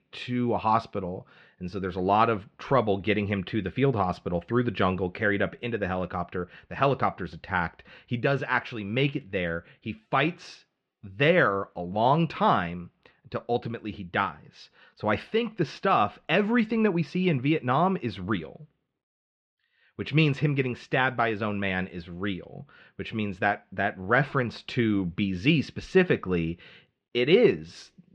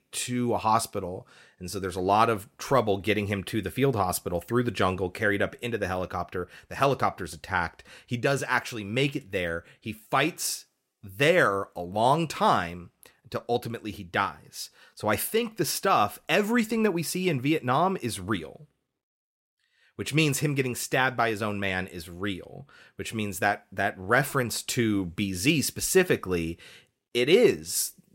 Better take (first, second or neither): second